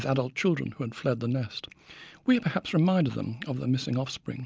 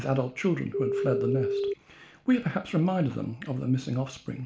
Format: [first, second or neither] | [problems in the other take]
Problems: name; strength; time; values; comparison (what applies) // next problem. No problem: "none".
first | background sound (Telephone); 1 dB above the speech // room echo; dies away in 0.4 s